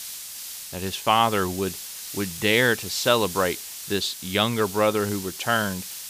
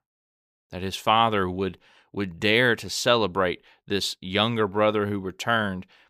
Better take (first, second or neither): second